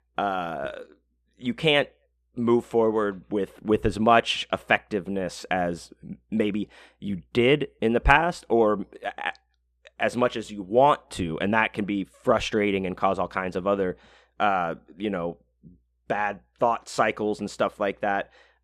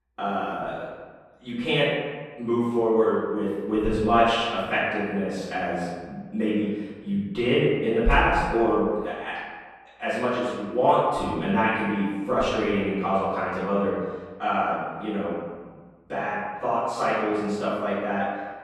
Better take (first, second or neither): first